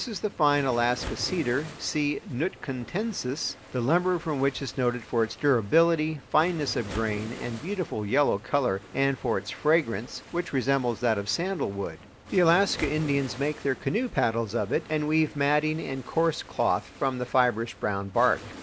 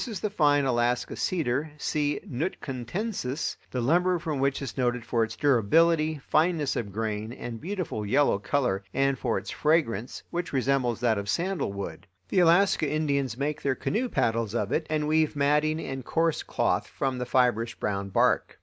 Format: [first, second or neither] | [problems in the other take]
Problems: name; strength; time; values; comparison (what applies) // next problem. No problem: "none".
second | background sound (Waves, surf); 17 dB below the speech